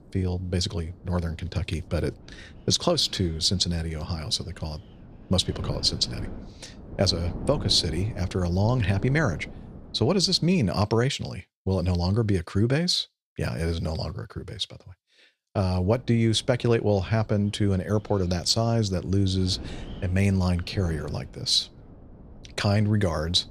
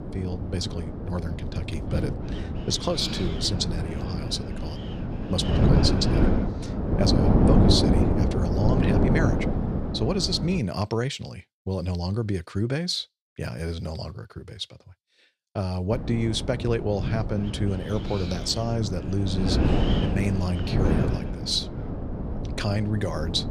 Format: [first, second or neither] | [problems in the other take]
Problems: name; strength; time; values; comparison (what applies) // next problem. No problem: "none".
first | wind noise on the microphone; heavy; until 11 s and from 16 s on; 2 dB below the speech; occasional gusts in the first